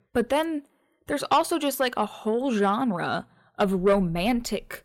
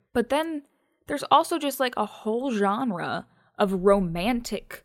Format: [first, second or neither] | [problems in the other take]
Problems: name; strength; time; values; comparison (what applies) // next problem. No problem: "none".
second | distortion; slight; 10 dB below the speech